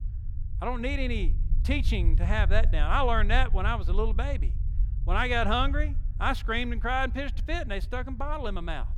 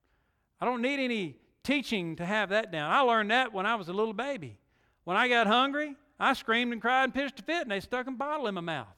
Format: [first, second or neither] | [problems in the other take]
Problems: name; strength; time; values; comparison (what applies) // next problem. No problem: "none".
second | low rumble; faint; throughout; 20 dB below the speech